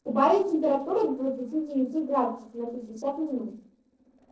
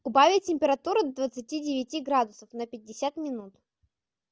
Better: second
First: noise reduction (neural separator model SepFormer DNS4)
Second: none

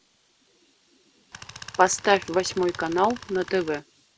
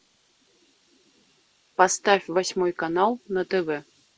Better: second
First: background sound (Tools); 15 dB below the speech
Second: none

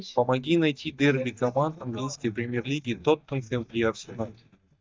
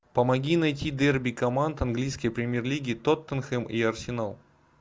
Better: second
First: noise reduction (neural mask model DeepFilterNet 3)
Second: none

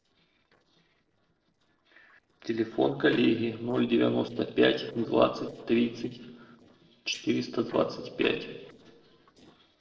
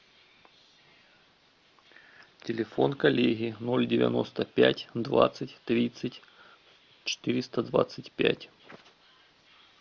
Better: second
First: noise reduction (neural separator model SepFormer DNS4)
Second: none

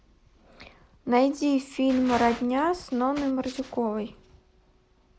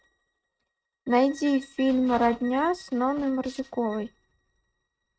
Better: first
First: none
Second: noise reduction (neural mask model RNNoise)

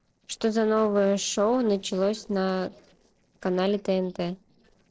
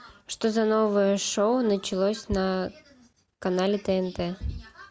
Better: second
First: noise reduction (neural separator model SepFormer DNS4)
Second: none

